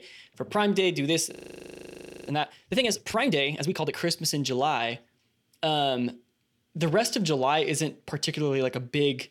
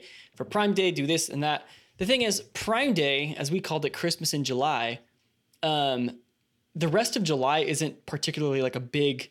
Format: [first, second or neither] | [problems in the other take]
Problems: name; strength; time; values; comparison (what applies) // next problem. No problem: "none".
second | audio freezing; at 1.5 s for 1 s